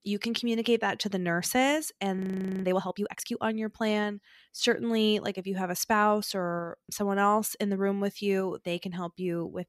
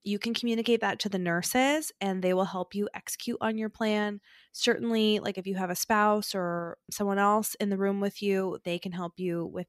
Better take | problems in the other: second | audio freezing; at 2 s

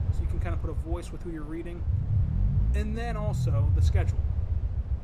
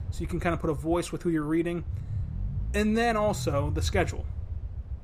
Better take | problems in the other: second | low rumble; loud; throughout; 4 dB below the speech; faint in the second

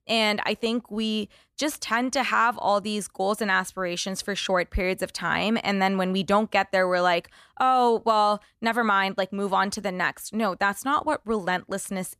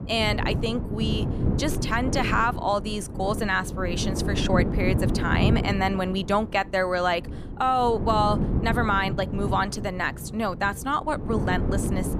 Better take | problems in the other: first | wind noise on the microphone; occasional gusts; 10 dB below the speech

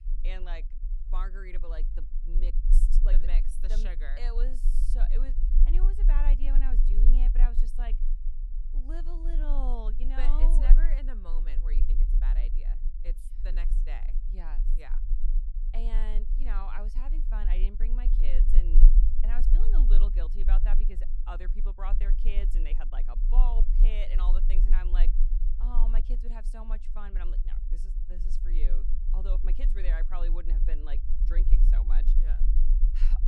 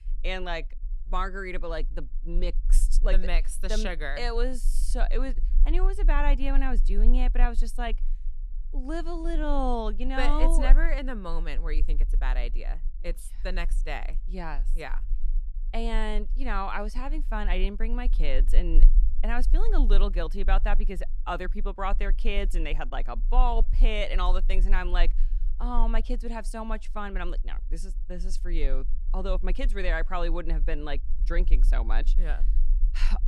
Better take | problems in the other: second | low rumble; loud; throughout; 9 dB below the speech; faint in the second

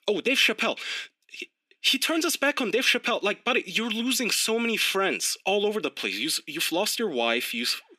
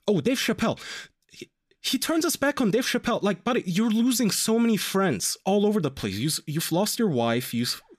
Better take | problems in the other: second | thin; very slightly; fading below 250 Hz

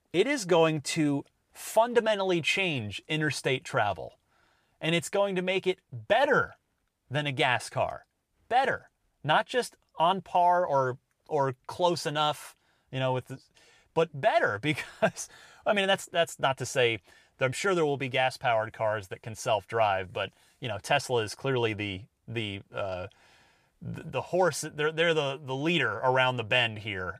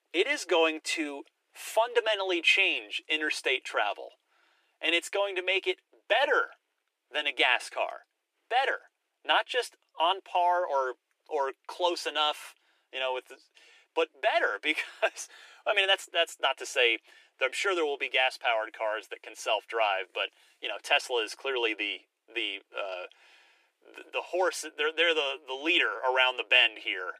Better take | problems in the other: first | thin; very; fading below 300 Hz

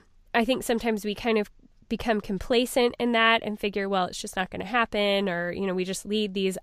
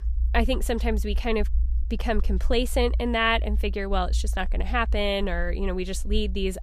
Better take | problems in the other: first | low rumble; faint; throughout; 25 dB below the speech

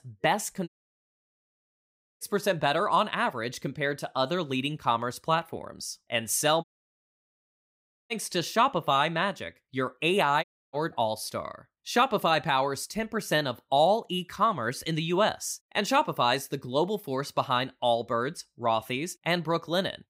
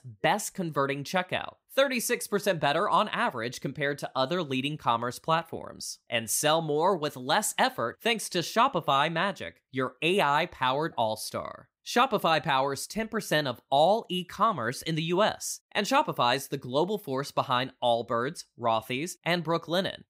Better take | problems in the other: second | audio cutting out; at 0.5 s for 1.5 s, at 6.5 s for 1.5 s and at 10 s

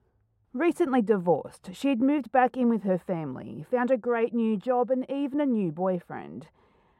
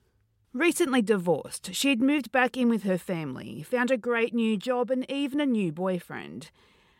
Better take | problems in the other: second | muffled; very; fading above 2 kHz

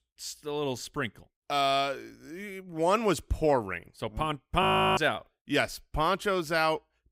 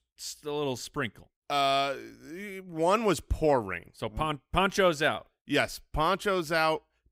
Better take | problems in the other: second | audio freezing; at 4.5 s

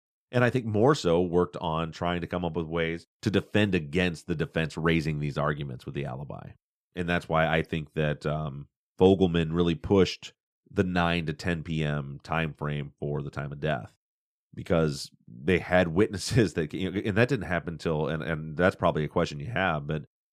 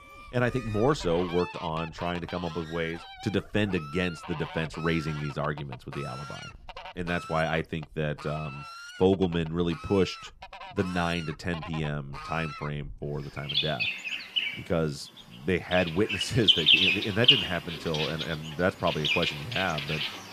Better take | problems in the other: first | animal sounds; very loud; throughout; 3 dB above the speech

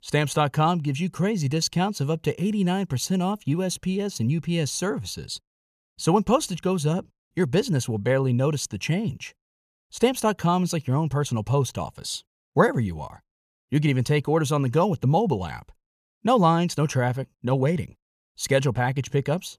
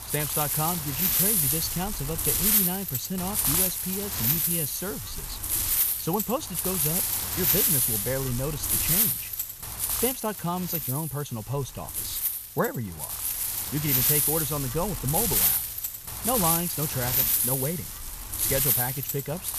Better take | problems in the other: first | wind noise on the microphone; heavy; 4 dB above the speech

